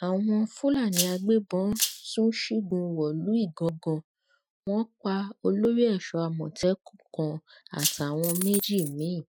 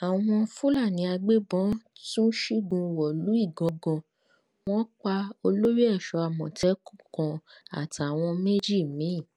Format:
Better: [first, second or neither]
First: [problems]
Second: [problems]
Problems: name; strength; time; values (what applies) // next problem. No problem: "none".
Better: second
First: noise reduction (classical method Wiener filter)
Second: none